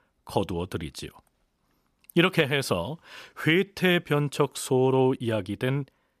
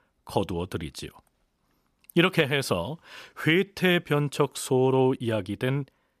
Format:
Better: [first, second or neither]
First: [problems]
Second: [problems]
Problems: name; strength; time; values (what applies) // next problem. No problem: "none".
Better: neither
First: none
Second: none